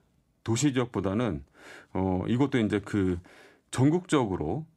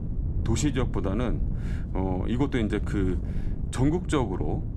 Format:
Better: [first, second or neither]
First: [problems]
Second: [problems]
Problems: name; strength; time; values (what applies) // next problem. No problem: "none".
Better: first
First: none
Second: wind noise on the microphone; occasional gusts; 10 dB below the speech